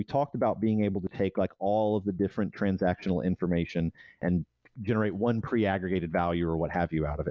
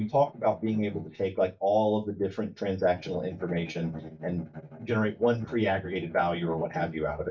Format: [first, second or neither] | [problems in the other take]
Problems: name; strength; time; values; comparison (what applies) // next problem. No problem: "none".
first | noise reduction (neural mask model DeepFilterNet 3)